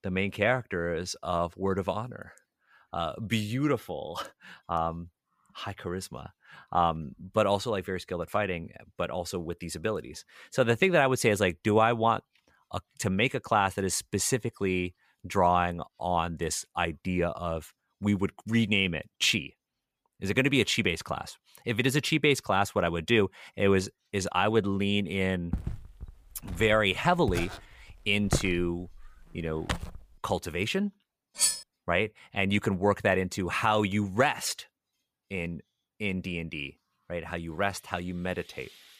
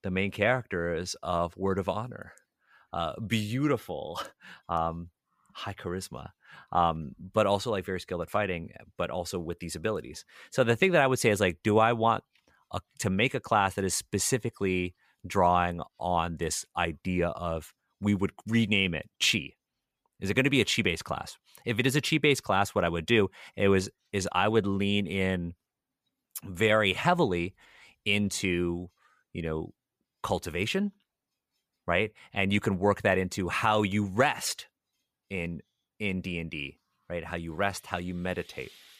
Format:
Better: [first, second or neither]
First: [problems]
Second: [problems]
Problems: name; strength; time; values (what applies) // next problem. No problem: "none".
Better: second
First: footsteps; noticeable; from 26 to 30 s; peak 4 dB below the speech // clattering dishes; loud; at 31 s; peak 3 dB above the speech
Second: none